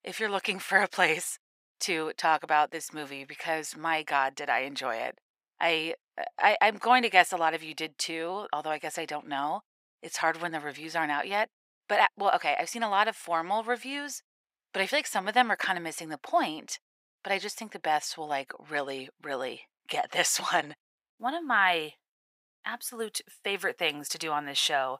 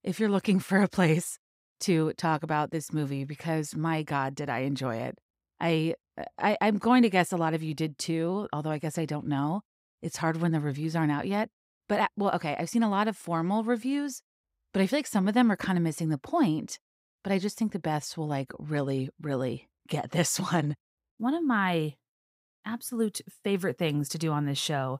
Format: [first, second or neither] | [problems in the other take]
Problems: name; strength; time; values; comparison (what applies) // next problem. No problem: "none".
second | thin; very; fading below 550 Hz